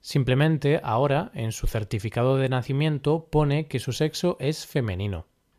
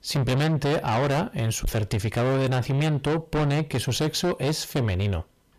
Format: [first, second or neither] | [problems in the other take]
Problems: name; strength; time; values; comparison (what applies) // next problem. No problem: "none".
first | distortion; heavy; 6 dB below the speech